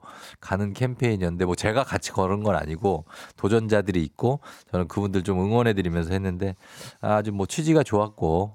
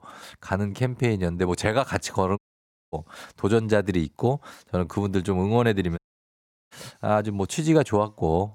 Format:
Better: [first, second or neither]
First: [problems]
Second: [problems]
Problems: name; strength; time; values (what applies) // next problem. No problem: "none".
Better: first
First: none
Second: audio cutting out; at 2.5 s for 0.5 s and at 6 s for 0.5 s